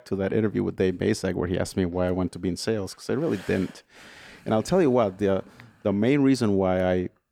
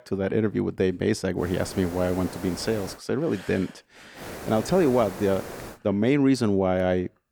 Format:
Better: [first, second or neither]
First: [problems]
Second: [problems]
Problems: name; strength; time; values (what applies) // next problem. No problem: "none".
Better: first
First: none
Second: hiss; noticeable; from 1.5 to 3 s and from 4 to 5.5 s; 15 dB below the speech